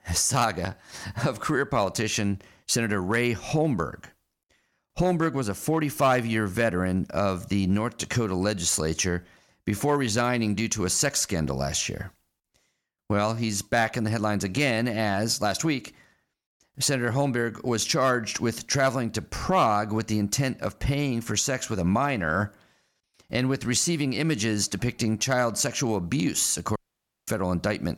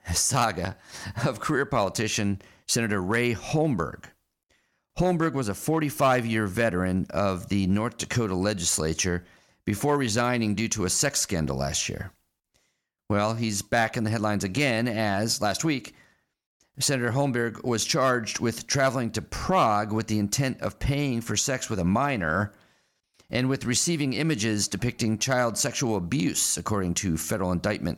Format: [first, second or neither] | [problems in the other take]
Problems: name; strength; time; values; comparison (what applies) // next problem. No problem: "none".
second | audio cutting out; at 27 s for 0.5 s